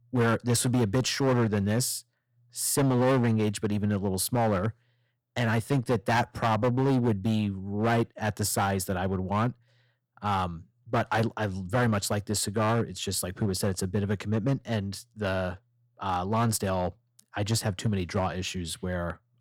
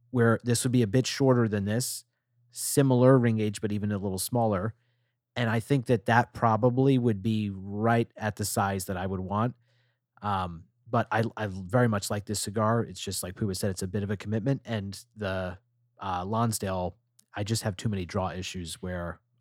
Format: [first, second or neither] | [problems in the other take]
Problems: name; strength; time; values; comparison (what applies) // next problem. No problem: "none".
second | distortion; heavy; 8% of the sound clipped